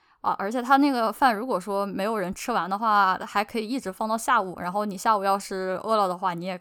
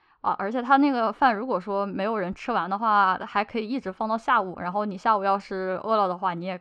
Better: first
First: none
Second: muffled; very slightly; fading above 3.5 kHz

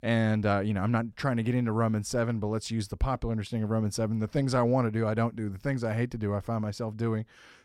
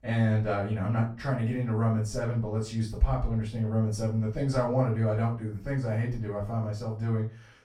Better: first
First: none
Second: room echo; slight; dies away in 0.3 s // off-mic speech; far

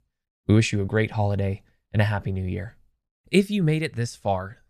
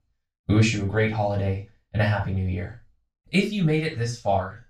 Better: first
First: none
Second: room echo; noticeable; dies away in 0.3 s // off-mic speech; far

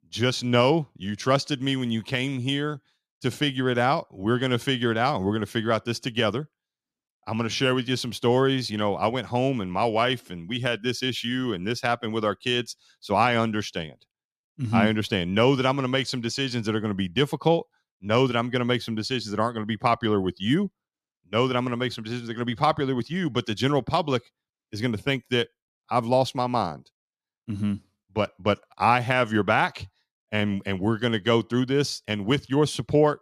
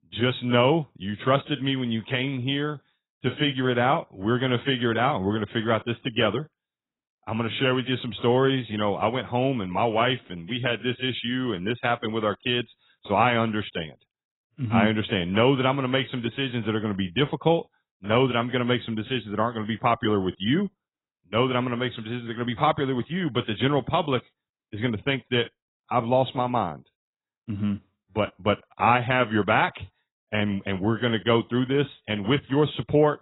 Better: first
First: none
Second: garbled, watery; badly; nothing above 3.5 kHz

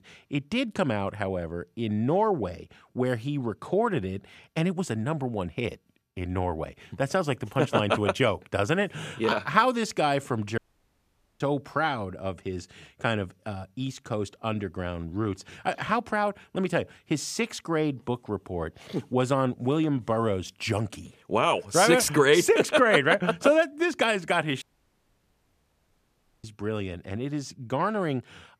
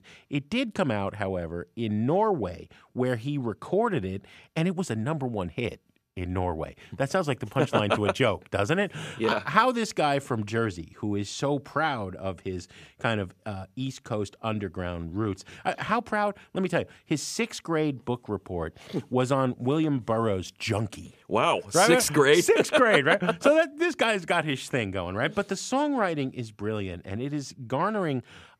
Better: second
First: audio cutting out; at 11 s for 1 s and at 25 s for 2 s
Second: none

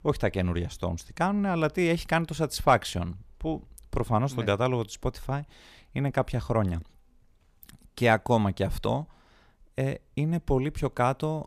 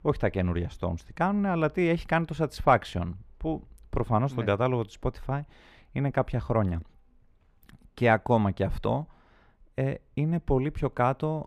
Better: first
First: none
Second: muffled; slightly; fading above 3.5 kHz

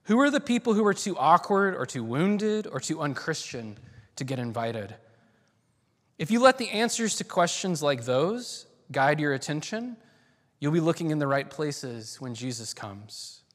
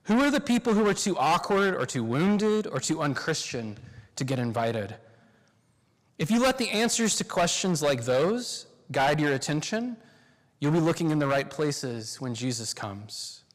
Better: first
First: none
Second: distortion; heavy; 8% of the sound clipped

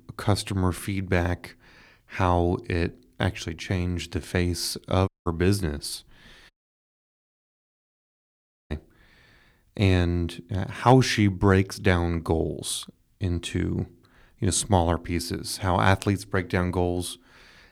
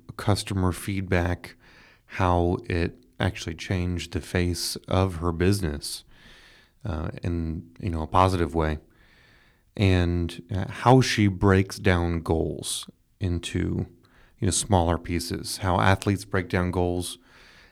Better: second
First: audio cutting out; at 5 s and at 6.5 s for 2 s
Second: none

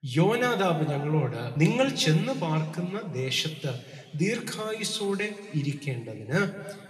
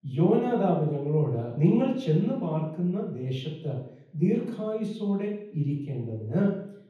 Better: first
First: room echo; slight; dies away in 2.2 s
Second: room echo; strong; dies away in 0.9 s // off-mic speech; far

